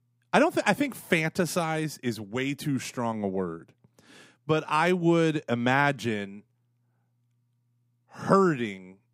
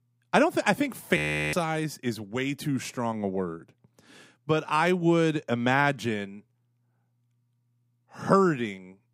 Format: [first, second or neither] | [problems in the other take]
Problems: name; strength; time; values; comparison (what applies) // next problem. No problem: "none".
first | audio freezing; at 1 s